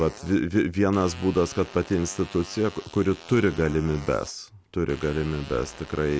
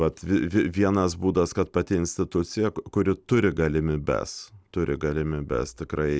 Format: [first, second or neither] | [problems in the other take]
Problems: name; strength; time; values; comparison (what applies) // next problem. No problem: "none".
second | background sound (Fart); 19 dB below the speech